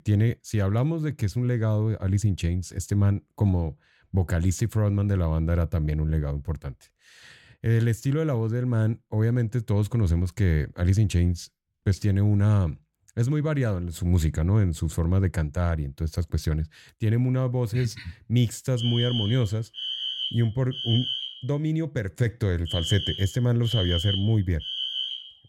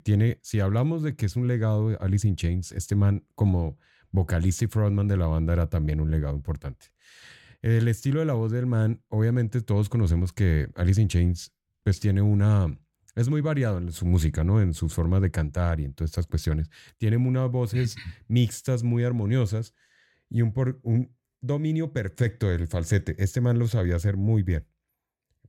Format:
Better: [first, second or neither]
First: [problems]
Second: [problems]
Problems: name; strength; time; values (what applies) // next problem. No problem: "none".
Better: second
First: alarm; noticeable; from 19 s on; peak 1 dB below the speech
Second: none